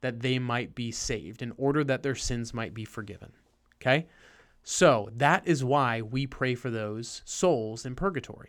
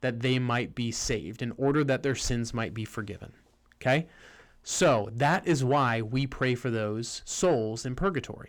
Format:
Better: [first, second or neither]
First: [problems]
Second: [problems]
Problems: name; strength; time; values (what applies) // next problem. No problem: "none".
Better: first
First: none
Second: distortion; slight; 10 dB below the speech